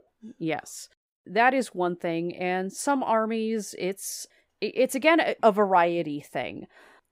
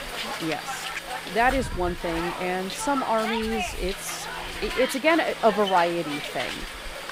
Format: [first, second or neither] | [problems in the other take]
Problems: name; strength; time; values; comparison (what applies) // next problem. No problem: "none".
first | hiss; loud; throughout; 5 dB below the speech